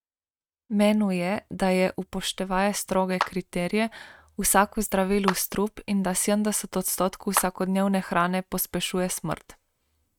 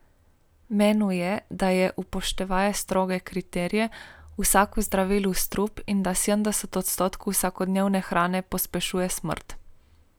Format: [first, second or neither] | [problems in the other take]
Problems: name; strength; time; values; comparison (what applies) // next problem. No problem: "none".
second | noise reduction (neural mask model RNNoise)